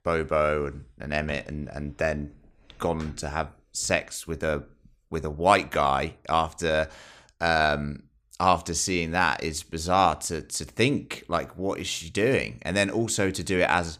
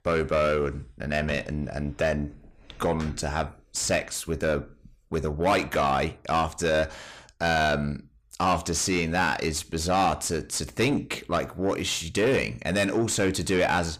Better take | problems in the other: first | distortion; heavy; 7 dB below the speech

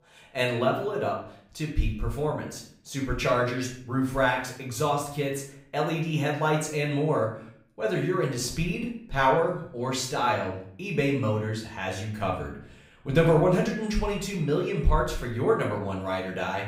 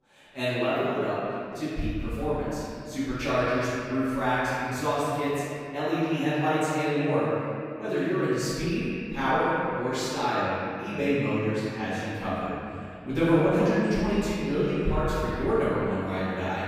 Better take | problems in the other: first | room echo; strong; dies away in 2.6 s; slight in the first // off-mic speech; far; far in the first

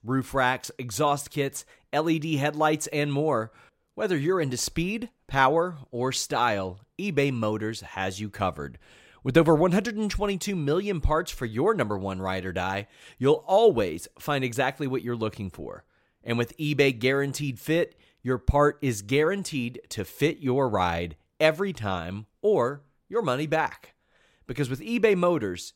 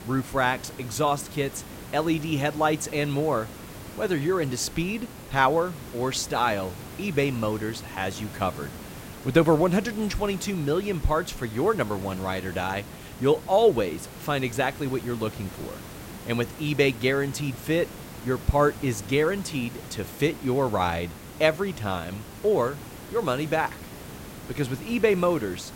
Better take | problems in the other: first | hiss; noticeable; throughout; 15 dB below the speech

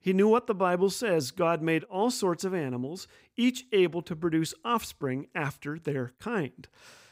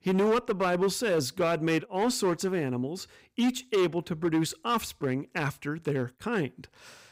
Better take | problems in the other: first | distortion; slight; 8% of the sound clipped

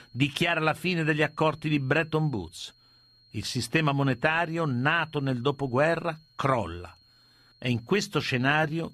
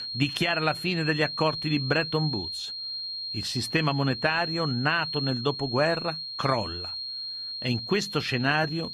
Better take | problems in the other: first | high-pitched whine; loud; throughout; 4 kHz, 5 dB below the speech; faint in the first

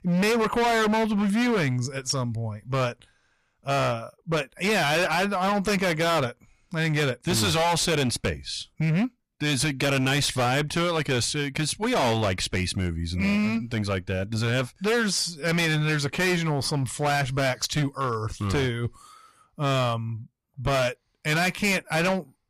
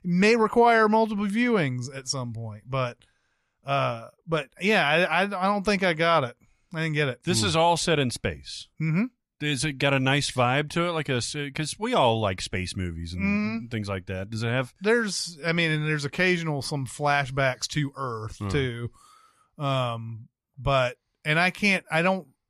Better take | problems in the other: second | distortion; heavy; 19% of the sound clipped

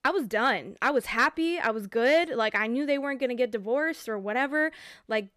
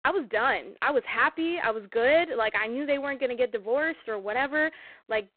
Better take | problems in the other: first | phone-call audio; poor line; nothing above 3.5 kHz

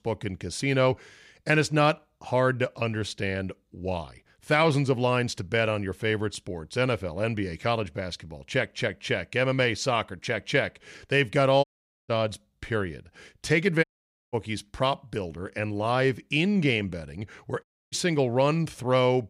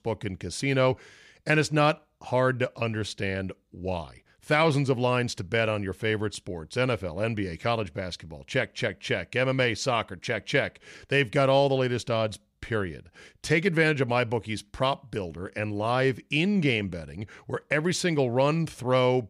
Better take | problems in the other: second | audio cutting out; at 12 s, at 14 s and at 18 s

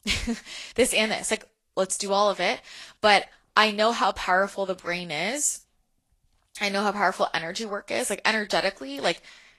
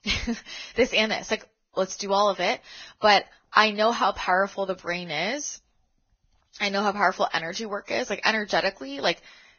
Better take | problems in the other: first | garbled, watery; badly; nothing above 6.5 kHz; slightly in the first

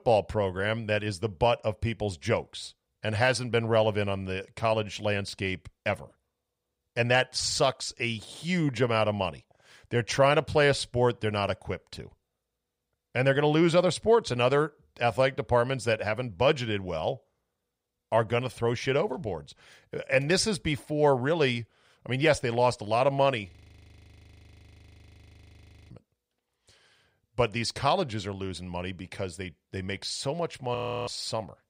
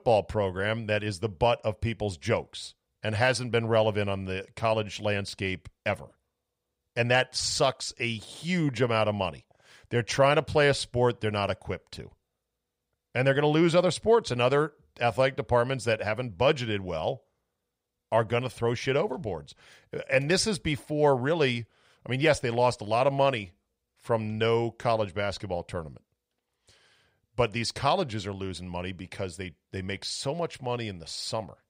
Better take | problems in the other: second | audio freezing; at 24 s for 2.5 s and at 31 s

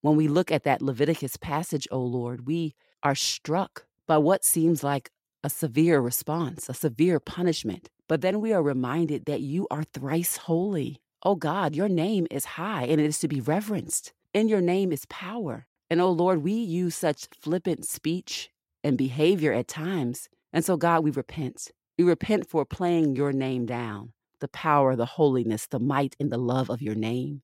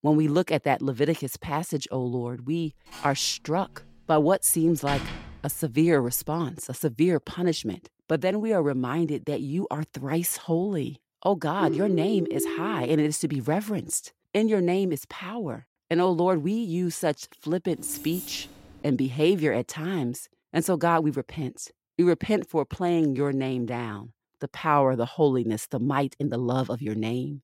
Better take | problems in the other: first | door banging; noticeable; from 3 to 6.5 s; peak 7 dB below the speech // phone ringing; noticeable; from 12 to 13 s; peak 2 dB below the speech // jangling keys; faint; from 18 to 19 s; peak 10 dB below the speech

